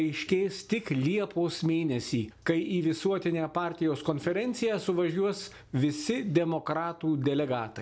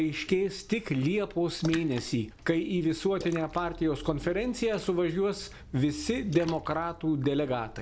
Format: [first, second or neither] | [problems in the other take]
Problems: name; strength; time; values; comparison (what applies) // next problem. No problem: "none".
first | background sound (Splash, splatter); 17 dB below the speech